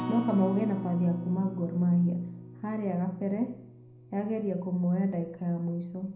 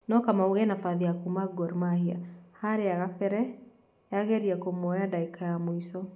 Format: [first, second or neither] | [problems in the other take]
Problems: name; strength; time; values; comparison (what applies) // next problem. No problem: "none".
second | background sound (Acoustic guitar); 12 dB below the speech // room echo; dies away in 0.5 s